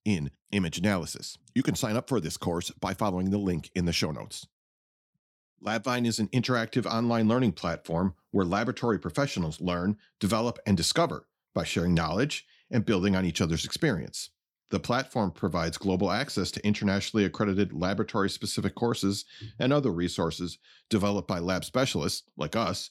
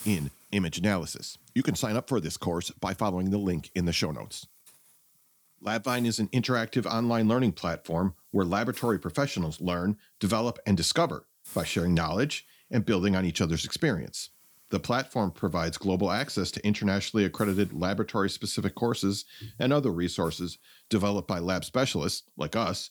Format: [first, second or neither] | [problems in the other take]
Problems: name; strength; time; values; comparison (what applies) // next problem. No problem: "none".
first | hiss; faint; throughout; 25 dB below the speech